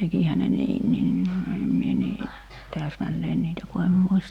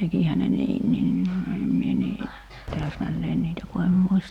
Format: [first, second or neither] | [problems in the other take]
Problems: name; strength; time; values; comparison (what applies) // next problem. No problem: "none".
first | background sound (Fireworks); 20 dB below the speech